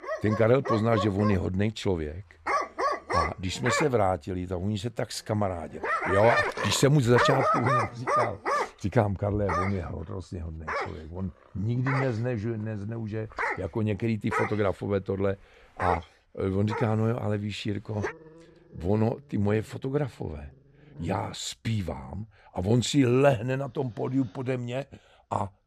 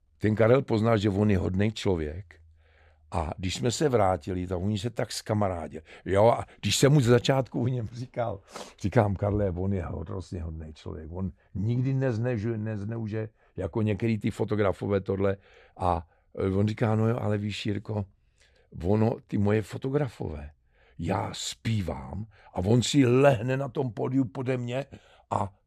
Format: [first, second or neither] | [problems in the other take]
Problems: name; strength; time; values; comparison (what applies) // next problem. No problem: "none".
second | animal sounds; loud; throughout; 2 dB below the speech